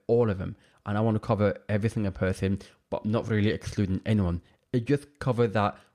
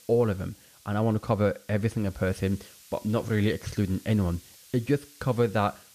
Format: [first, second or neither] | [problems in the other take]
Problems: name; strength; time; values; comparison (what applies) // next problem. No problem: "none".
first | hiss; faint; throughout; 25 dB below the speech